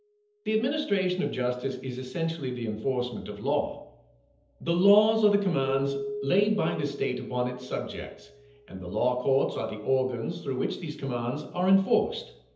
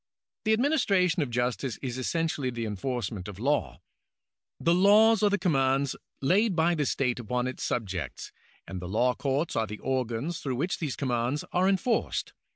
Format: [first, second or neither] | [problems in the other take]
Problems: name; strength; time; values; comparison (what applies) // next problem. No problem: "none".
second | background sound (Keyboard (musical)); 15 dB below the speech // room echo; dies away in 0.7 s